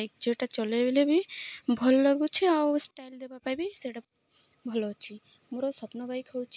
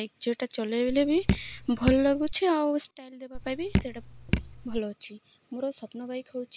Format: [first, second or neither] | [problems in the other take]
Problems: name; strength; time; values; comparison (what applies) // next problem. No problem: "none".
first | background sound (Drip); 2 dB below the speech